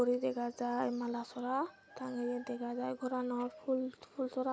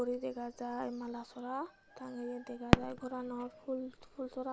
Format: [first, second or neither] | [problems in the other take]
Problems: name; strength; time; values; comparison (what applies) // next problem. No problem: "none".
first | background sound (Fireworks); 2 dB above the speech